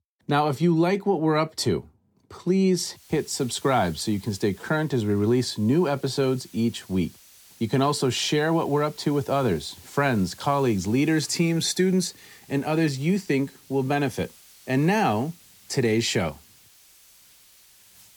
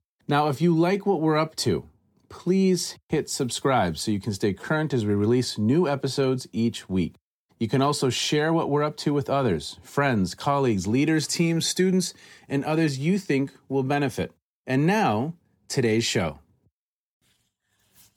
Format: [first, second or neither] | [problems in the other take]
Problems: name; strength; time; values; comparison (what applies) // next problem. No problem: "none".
second | hiss; faint; from 3 s on; 25 dB below the speech